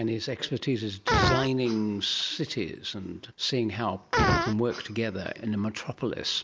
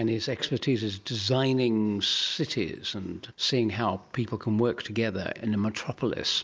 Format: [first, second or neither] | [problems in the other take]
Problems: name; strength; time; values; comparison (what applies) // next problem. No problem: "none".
second | background sound (Fart); 2 dB below the speech